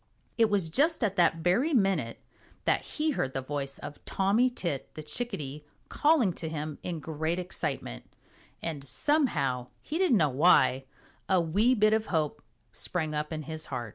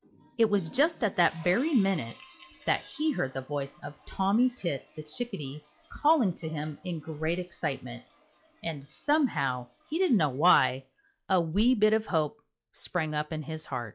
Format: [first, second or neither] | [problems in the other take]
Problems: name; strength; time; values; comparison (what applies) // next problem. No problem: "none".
first | noise reduction (classical method log-MMSE)